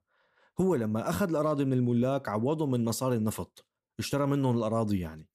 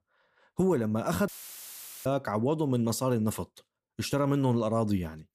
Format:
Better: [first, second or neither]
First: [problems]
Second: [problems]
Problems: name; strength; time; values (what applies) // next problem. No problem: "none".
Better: first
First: none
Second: audio cutting out; filled with static; at 1.5 s for 1 s